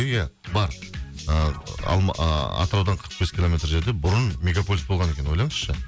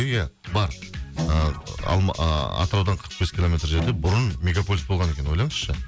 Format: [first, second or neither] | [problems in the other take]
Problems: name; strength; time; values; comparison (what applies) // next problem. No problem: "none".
first | background sound (Bowed string instrument); 11 dB below the speech